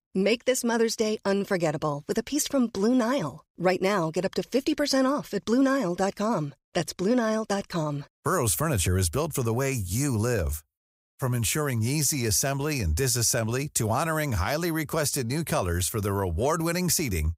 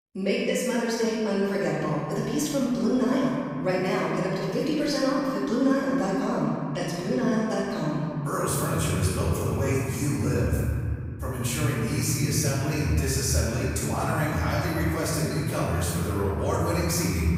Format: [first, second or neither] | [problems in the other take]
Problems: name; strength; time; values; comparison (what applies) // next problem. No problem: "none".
first | off-mic speech; far // room echo; strong; dies away in 3 s